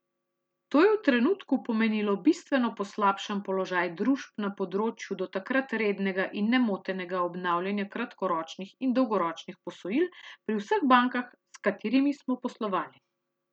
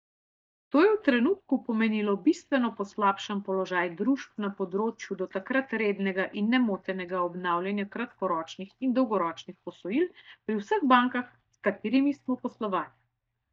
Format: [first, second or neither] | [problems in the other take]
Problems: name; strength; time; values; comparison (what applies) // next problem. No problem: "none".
first | noise reduction (neural mask model DeepFilterNet 3)